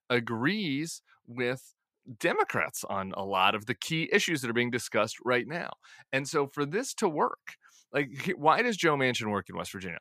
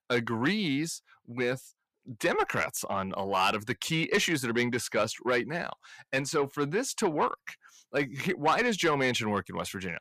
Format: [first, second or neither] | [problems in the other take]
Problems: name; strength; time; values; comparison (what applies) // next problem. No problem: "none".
first | distortion; slight; 10 dB below the speech